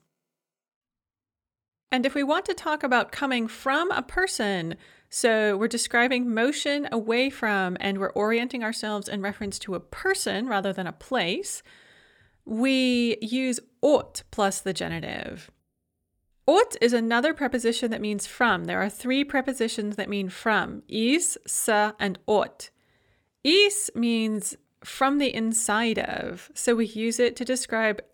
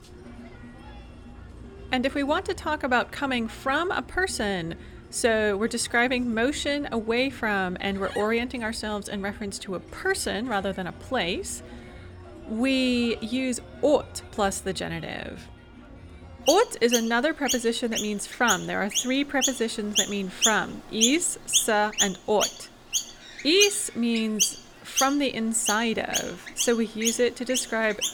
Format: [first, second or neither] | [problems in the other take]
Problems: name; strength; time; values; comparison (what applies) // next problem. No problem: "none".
first | animal sounds; loud; throughout; 2 dB below the speech